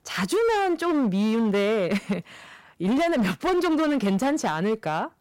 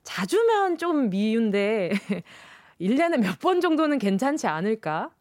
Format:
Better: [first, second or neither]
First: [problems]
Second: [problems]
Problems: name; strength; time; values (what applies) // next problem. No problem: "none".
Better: second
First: distortion; slight; 19% of the sound clipped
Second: none